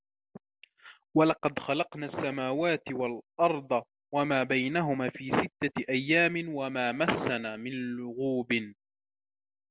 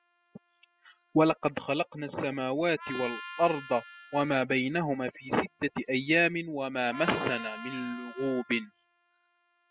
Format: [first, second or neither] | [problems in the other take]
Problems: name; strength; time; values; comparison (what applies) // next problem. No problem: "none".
first | noise reduction (classical method spectral subtraction)